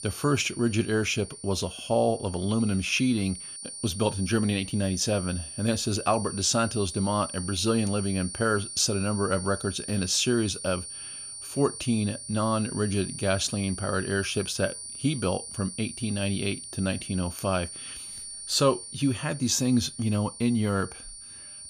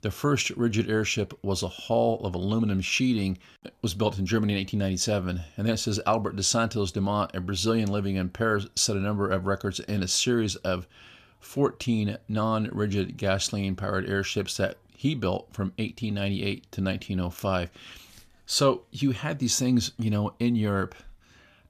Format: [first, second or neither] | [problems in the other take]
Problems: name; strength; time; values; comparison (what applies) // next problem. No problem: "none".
second | high-pitched whine; loud; throughout; 9.5 kHz, 10 dB below the speech